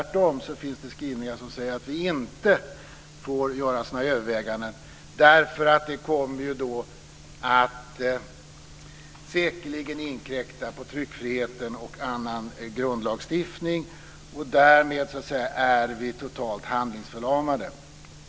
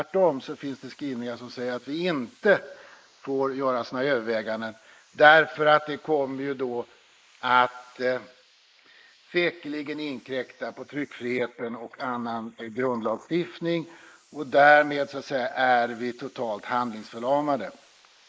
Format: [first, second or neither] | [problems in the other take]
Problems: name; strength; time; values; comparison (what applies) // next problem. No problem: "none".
first | noise reduction (neural mask model Resemble Enhance denoiser)